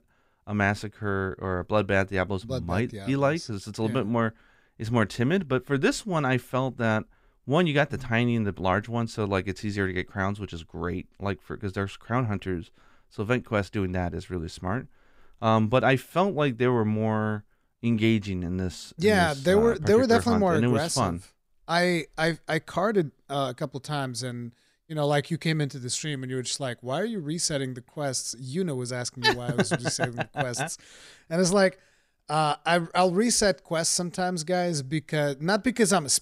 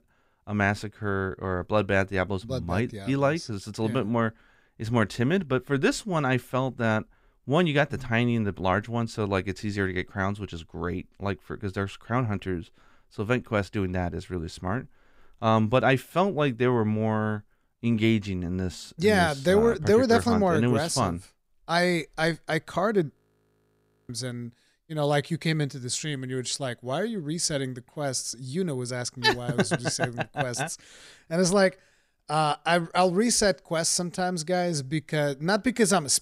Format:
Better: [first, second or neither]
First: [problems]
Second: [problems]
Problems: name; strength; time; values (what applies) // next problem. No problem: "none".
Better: first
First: none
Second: audio freezing; at 23 s for 1 s